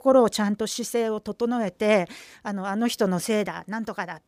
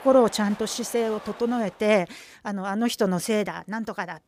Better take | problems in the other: first | crowd noise; noticeable; until 1.5 s; 15 dB below the speech

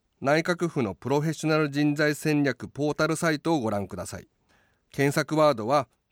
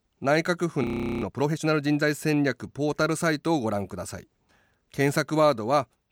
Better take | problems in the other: first | audio freezing; at 1 s

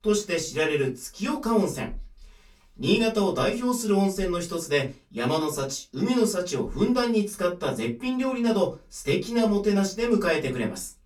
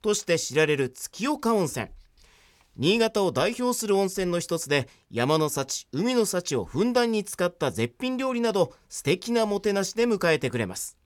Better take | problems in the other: second | off-mic speech; far // room echo; very slight; dies away in 0.2 s

